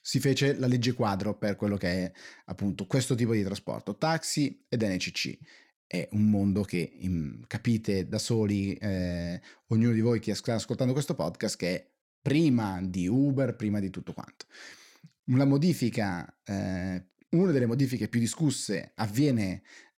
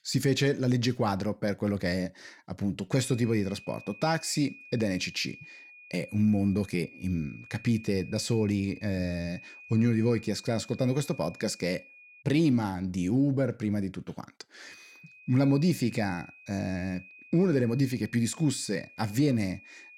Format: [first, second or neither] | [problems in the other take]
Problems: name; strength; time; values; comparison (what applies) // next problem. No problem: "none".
first | high-pitched whine; noticeable; from 3 to 12 s and from 15 s on; 2.5 kHz, 20 dB below the speech